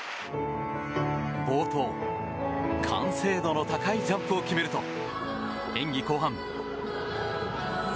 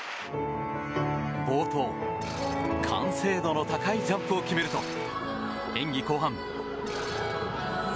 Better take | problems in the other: first | background sound (Screech); 15 dB below the speech

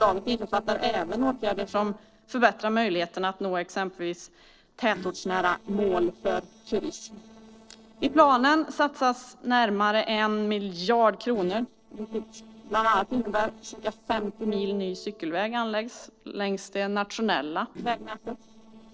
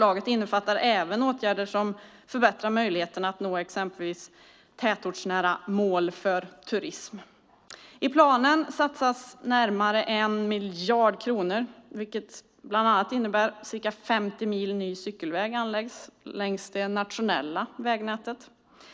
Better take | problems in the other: second | noise reduction (neural separator model SepFormer DNS4)

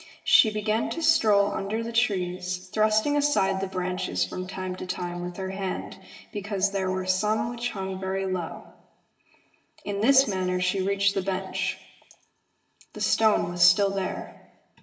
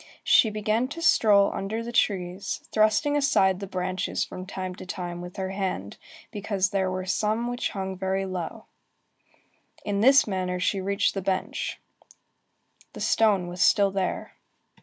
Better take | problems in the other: second | room echo; dies away in 1 s

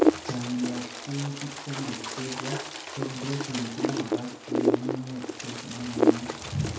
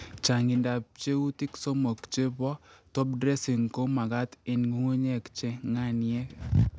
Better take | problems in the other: second | background sound (Wind); 5 dB above the speech // room echo; dies away in 0.6 s

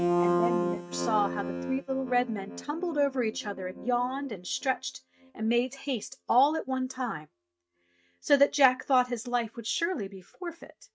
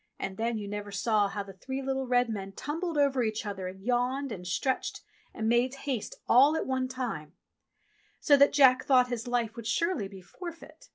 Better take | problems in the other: second | noise reduction (neural mask model RNNoise)

